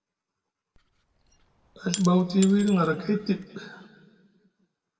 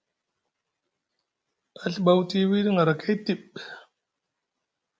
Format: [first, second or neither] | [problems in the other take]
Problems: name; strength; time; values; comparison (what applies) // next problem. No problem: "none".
second | background sound (Shatter / Crushing); 15 dB below the speech // room echo; dies away in 1.5 s